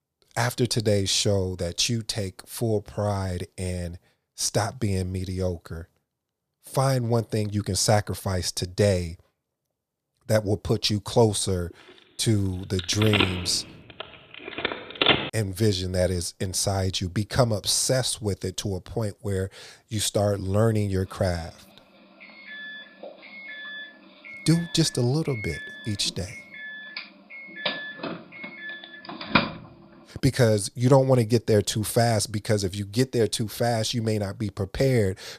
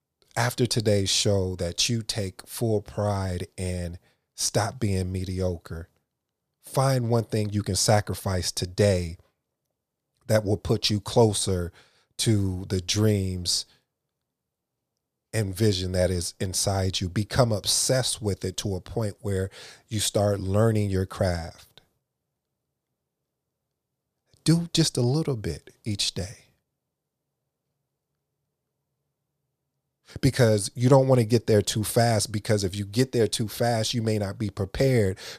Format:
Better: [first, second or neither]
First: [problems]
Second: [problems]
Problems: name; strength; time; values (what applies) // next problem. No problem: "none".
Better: second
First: phone ringing; loud; from 13 to 15 s; peak 4 dB above the speech // doorbell; loud; from 27 to 29 s; peak 1 dB above the speech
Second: none